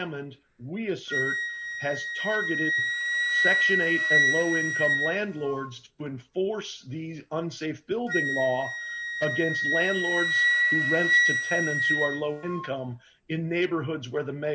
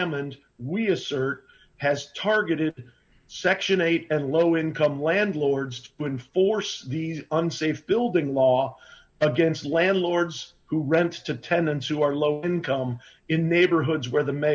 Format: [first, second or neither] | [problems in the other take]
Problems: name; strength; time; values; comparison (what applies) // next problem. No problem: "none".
second | background sound (Wind instrument, woodwind instrument); 3 dB above the speech